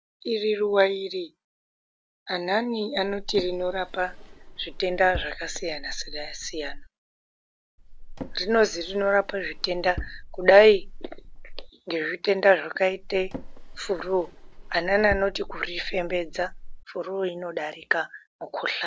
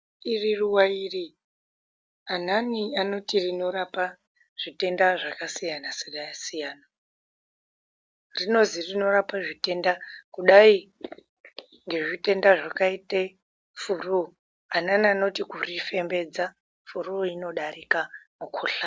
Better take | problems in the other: second | background sound (Drawer open or close); 11 dB below the speech

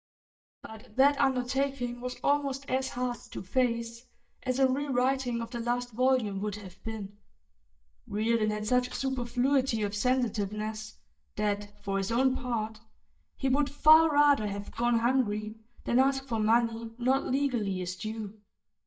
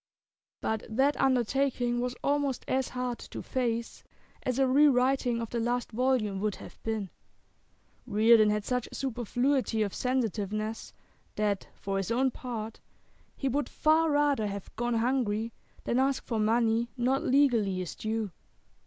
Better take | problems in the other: second | noise reduction (neural mask model DeepFilterNet 3)

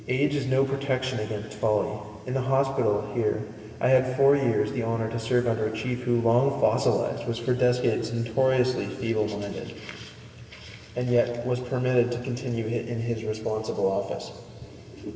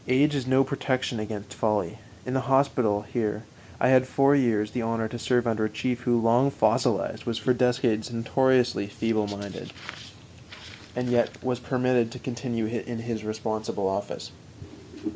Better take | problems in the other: second | room echo; dies away in 2.3 s

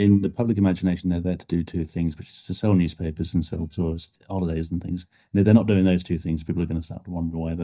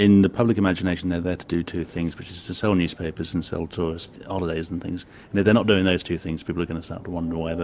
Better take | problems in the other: second | noise reduction (neural mask model DeepFilterNet 3)

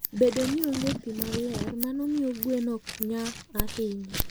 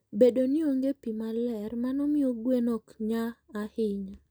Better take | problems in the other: second | background sound (Scissors + Scissors); 5 dB below the speech

